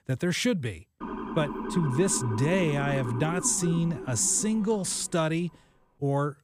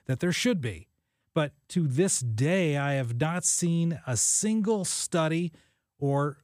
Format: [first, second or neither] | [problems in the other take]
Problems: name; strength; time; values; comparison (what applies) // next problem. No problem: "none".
second | siren; noticeable; from 1 to 5 s; peak 6 dB below the speech